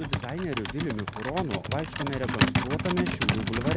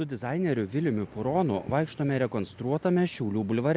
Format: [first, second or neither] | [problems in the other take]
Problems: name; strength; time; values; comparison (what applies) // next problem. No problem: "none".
second | background sound (Computer keyboard); 2 dB above the speech